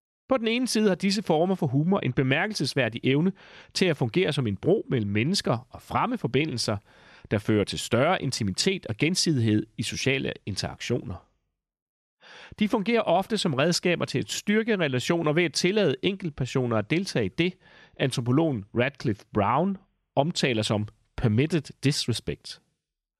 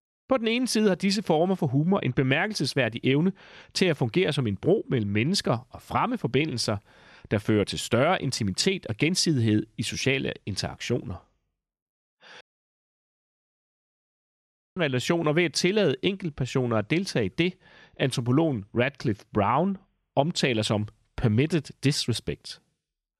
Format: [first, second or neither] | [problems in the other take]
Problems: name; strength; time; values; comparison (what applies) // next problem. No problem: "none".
first | audio cutting out; at 12 s for 2.5 s